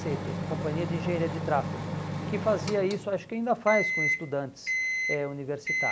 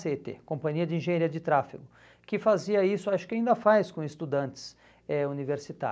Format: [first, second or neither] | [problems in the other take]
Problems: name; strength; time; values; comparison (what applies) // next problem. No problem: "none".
second | background sound (Microwave oven); 2 dB below the speech